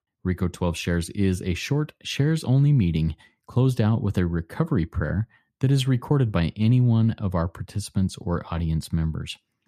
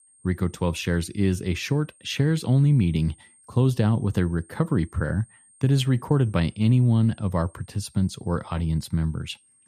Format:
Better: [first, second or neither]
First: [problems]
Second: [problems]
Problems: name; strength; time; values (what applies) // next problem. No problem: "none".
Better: first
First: none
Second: high-pitched whine; faint; throughout; 8.5 kHz, 30 dB below the speech